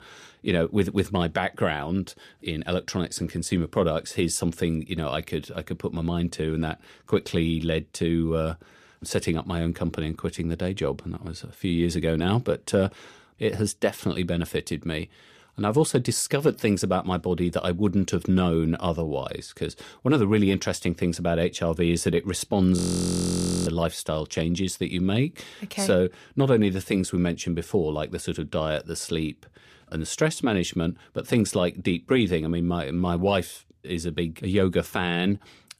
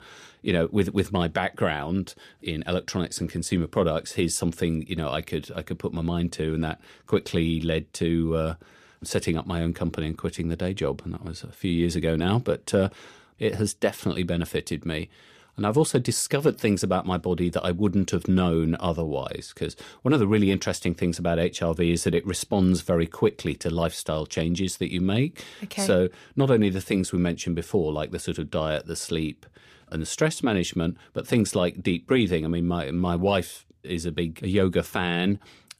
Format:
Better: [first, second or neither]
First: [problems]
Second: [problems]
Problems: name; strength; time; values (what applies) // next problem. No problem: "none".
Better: second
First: audio freezing; at 23 s for 1 s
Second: none